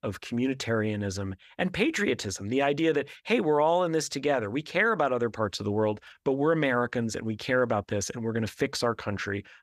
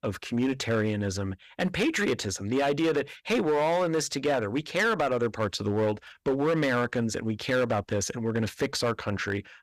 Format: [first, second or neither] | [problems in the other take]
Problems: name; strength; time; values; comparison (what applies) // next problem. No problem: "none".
first | distortion; slight; 8% of the sound clipped